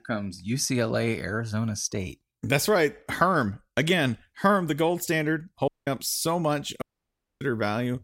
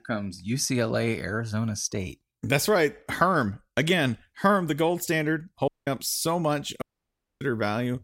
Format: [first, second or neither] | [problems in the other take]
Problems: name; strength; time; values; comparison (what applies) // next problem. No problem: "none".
neither | audio cutting out; at 5.5 s and at 7 s for 0.5 s; the same in both